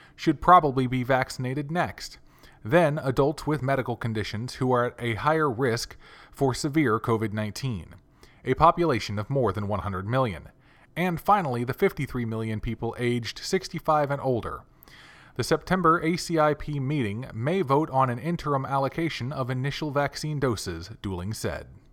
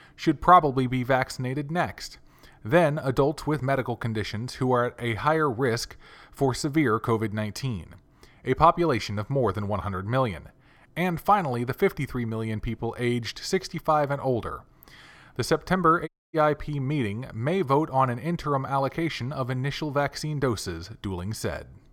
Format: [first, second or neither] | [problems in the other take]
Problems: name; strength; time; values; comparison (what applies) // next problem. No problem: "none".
first | audio cutting out; at 16 s